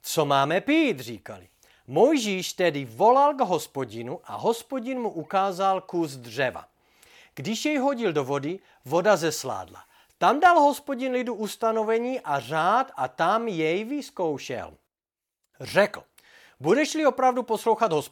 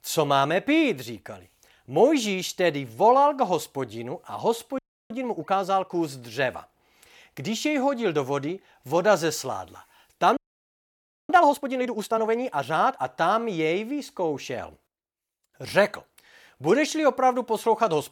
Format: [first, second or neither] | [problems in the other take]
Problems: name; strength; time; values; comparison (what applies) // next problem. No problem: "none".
first | audio freezing; at 5 s and at 10 s for 1 s